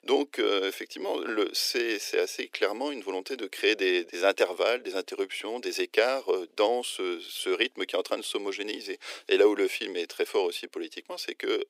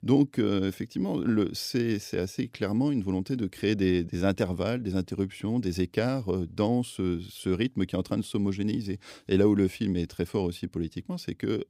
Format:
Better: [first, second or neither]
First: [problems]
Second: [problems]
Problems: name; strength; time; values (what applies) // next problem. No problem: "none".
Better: second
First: thin; very; fading below 400 Hz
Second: none